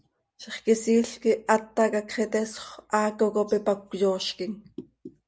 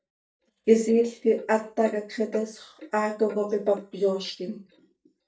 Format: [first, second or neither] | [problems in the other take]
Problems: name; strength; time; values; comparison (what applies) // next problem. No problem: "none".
first | noise reduction (neural mask model DeepFilterNet 3)